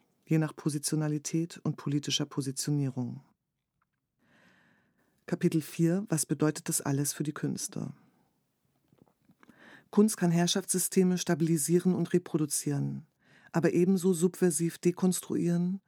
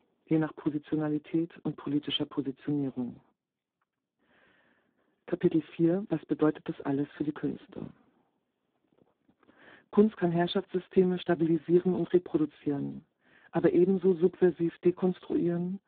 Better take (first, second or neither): first